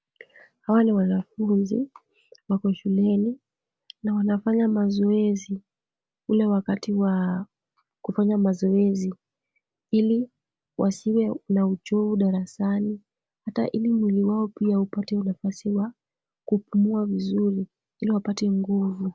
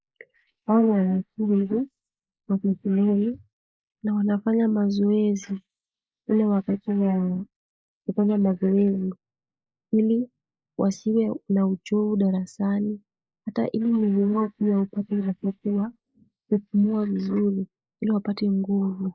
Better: first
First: none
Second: noise reduction (neural mask model Resemble Enhance denoiser)

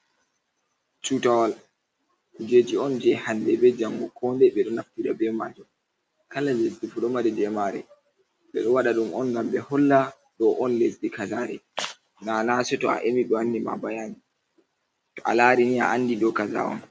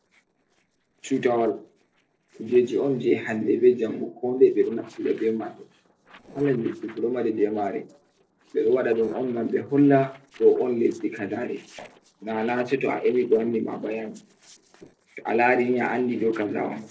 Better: first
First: none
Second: noise reduction (neural separator model SepFormer DNS4)

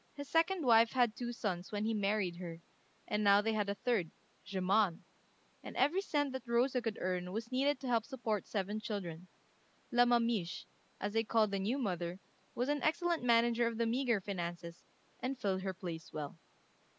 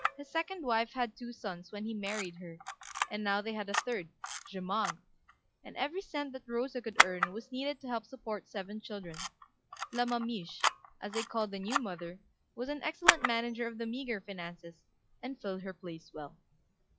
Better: first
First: none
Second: noise reduction (classical method log-MMSE)

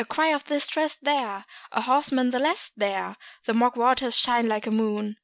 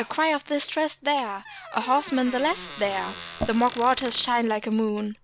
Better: first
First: none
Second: background sound (Liquid + Squeak); 14 dB below the speech

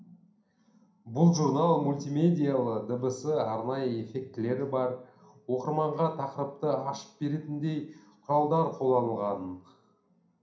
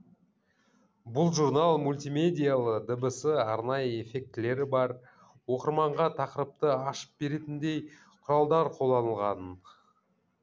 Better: second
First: room echo; dies away in 0.5 s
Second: none

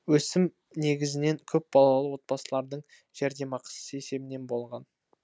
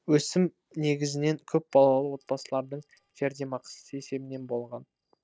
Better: first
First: none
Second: noise reduction (neural separator model SepFormer DNS4)

